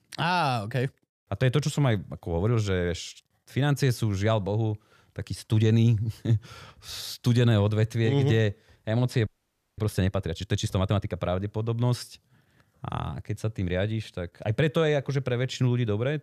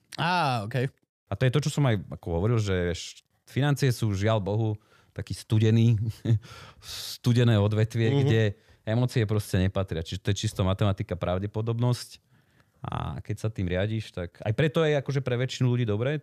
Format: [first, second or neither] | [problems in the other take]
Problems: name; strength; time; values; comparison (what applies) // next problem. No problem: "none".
second | audio freezing; at 9.5 s for 0.5 s